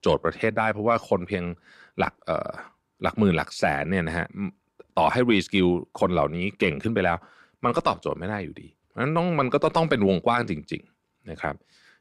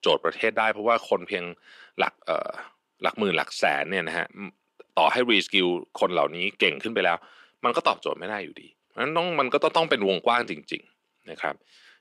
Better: first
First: none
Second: thin; somewhat; fading below 350 Hz

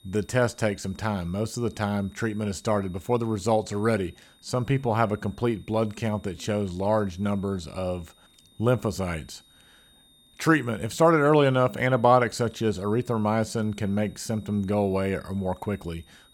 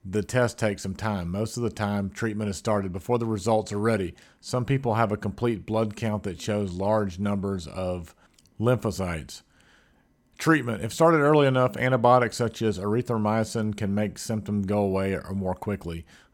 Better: second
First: high-pitched whine; faint; throughout; 3.5 kHz, 30 dB below the speech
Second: none

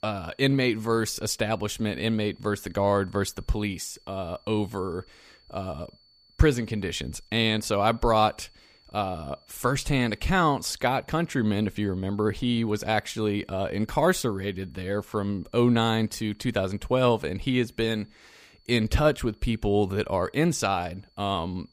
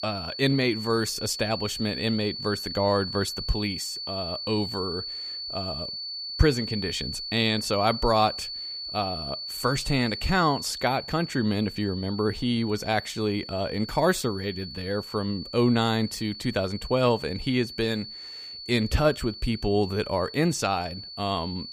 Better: first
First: high-pitched whine; faint; throughout; 4.5 kHz, 35 dB below the speech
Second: high-pitched whine; loud; throughout; 4.5 kHz, 7 dB below the speech

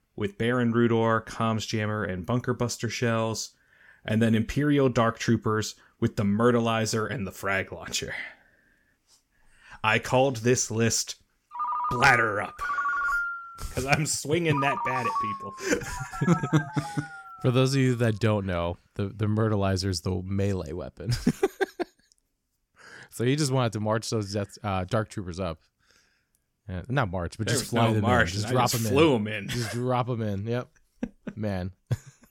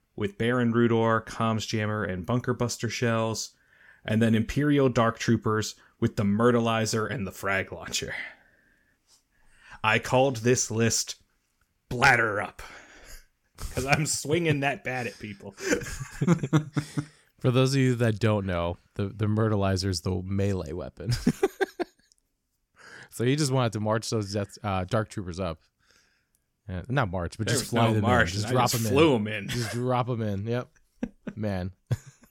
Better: second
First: phone ringing; loud; from 12 to 18 s; peak 1 dB above the speech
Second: none

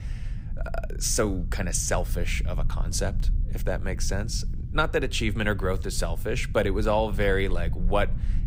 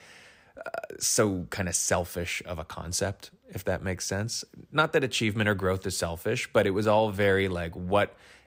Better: second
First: low rumble; faint; throughout; 20 dB below the speech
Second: none

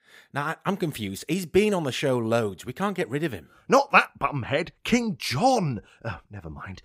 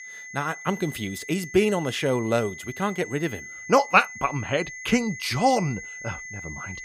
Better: first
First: none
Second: high-pitched whine; noticeable; throughout; 2 kHz, 10 dB below the speech

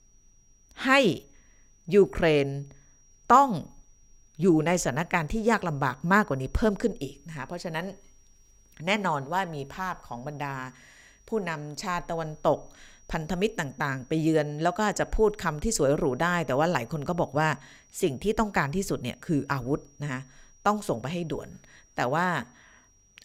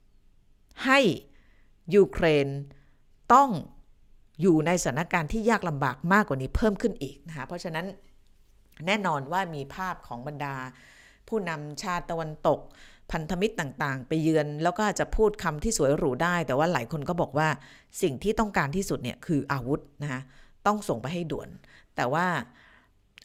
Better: second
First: high-pitched whine; faint; throughout; 5.5 kHz, 35 dB below the speech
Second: none

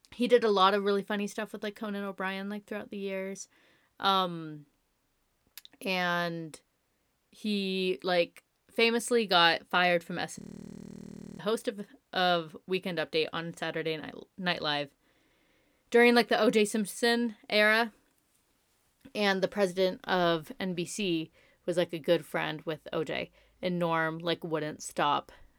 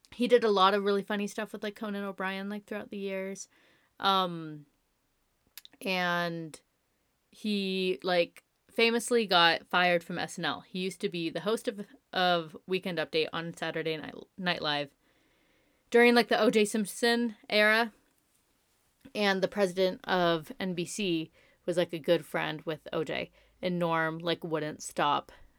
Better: second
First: audio freezing; at 10 s for 1 s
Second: none

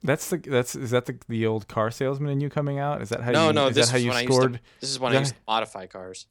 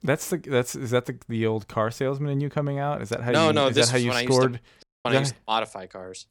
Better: first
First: none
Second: audio cutting out; at 5 s

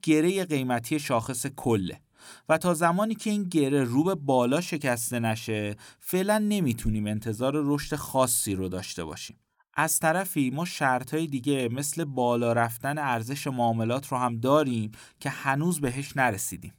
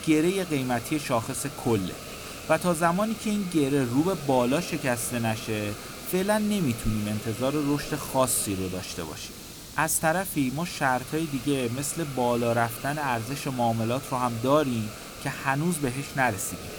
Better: first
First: none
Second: hiss; noticeable; throughout; 10 dB below the speech

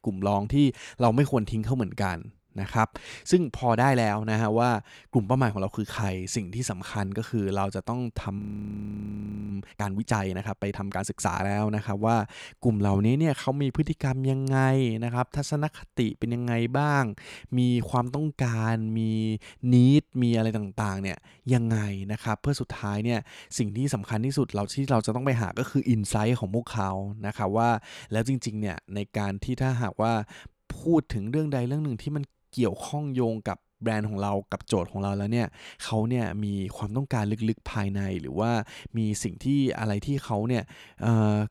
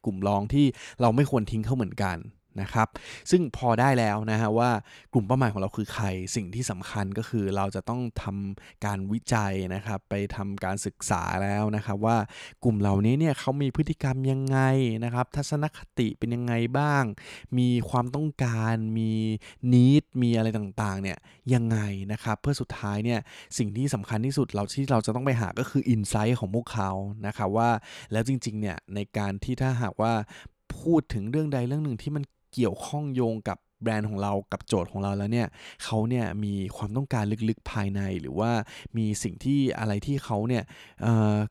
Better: second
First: audio freezing; at 8.5 s for 1 s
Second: none

